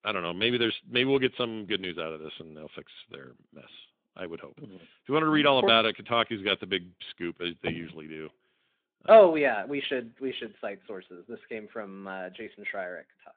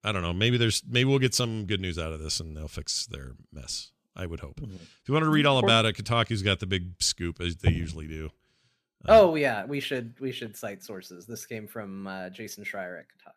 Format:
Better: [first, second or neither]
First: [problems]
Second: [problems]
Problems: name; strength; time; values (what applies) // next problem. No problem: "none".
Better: second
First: phone-call audio; nothing above 3.5 kHz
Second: none